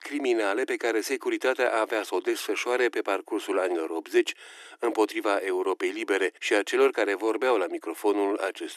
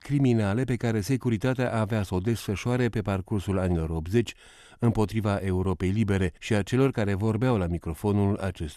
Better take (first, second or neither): second